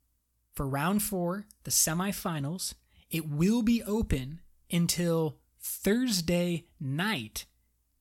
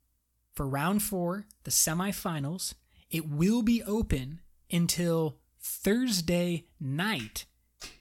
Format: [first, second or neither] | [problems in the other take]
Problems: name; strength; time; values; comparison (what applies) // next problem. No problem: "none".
first | footsteps; faint; at 7 s; peak 15 dB below the speech